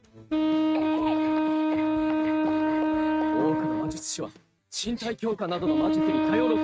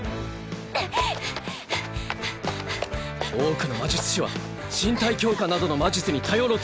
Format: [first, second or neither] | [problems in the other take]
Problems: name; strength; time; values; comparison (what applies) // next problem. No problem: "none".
second | noise reduction (neural mask model RNNoise)